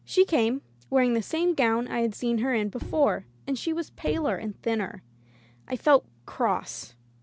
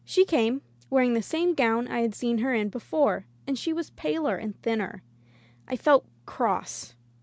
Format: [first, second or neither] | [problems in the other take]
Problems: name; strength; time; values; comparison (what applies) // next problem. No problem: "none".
second | background sound (Bowed string instrument); 15 dB below the speech